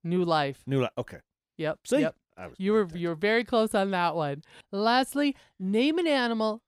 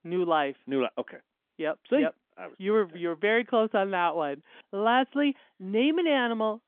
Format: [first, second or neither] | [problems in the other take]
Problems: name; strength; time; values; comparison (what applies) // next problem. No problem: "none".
first | phone-call audio; nothing above 3.5 kHz